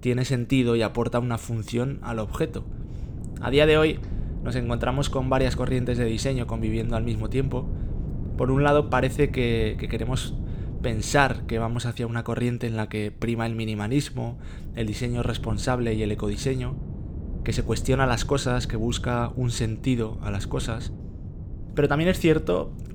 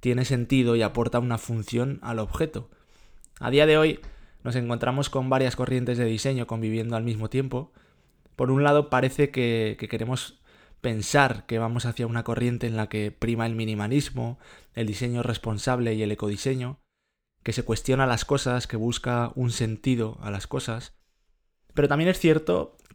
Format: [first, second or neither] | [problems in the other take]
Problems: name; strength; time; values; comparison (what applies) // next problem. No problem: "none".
second | wind noise on the microphone; occasional gusts; 20 dB below the speech